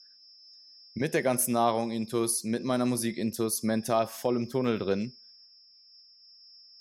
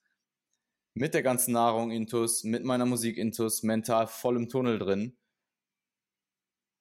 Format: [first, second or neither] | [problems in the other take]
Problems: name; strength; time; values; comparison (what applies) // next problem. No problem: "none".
second | high-pitched whine; faint; throughout; 5.5 kHz, 25 dB below the speech